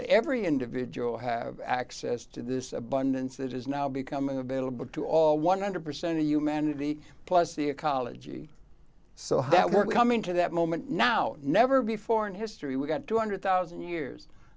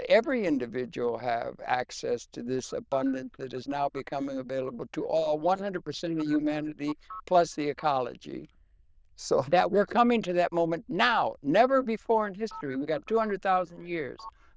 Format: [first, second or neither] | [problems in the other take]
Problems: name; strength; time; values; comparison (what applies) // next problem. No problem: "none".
first | noise reduction (neural diffusion model UNIVERSE++)